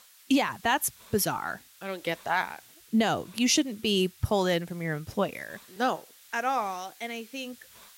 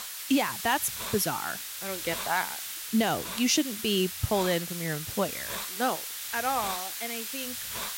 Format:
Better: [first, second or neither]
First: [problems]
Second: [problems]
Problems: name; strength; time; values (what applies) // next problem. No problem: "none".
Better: first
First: hiss; faint; throughout; 25 dB below the speech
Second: hiss; loud; throughout; 4 dB below the speech